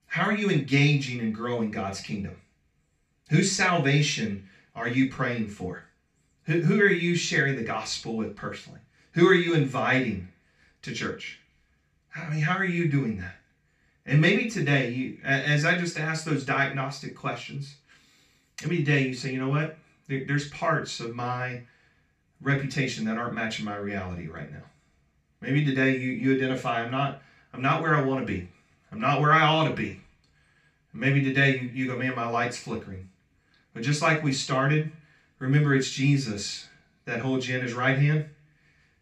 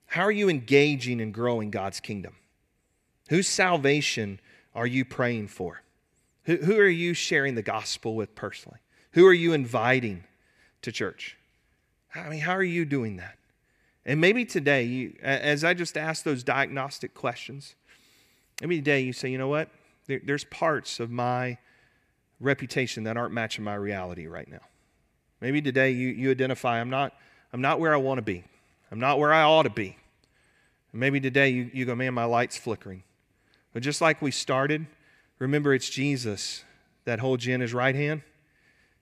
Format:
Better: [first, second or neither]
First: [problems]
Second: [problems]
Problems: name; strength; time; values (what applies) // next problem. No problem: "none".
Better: second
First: room echo; slight; dies away in 0.3 s // off-mic speech; far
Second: none